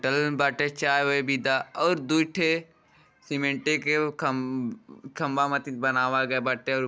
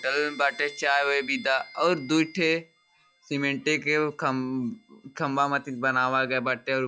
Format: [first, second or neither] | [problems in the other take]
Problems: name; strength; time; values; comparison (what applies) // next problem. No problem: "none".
first | noise reduction (classical method log-MMSE)